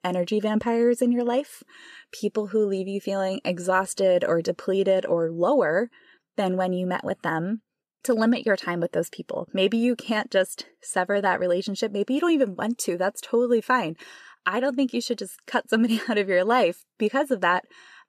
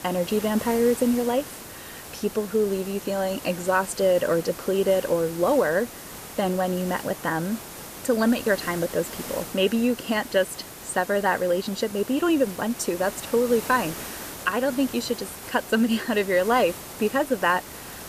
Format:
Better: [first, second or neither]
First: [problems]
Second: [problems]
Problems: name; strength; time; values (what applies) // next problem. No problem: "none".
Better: first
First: none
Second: hiss; noticeable; throughout; 10 dB below the speech